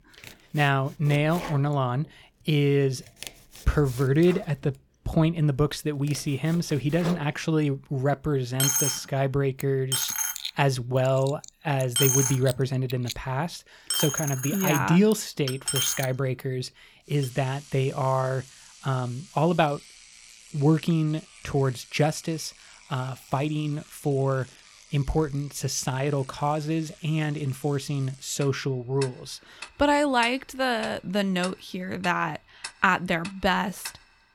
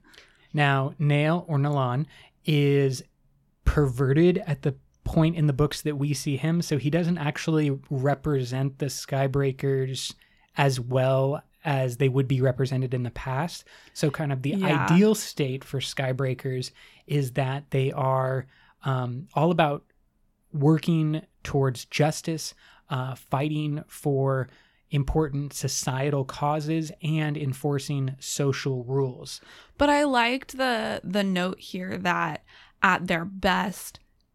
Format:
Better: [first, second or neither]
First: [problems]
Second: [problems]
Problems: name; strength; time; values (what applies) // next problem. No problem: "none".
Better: second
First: household noises; loud; throughout; 4 dB below the speech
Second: none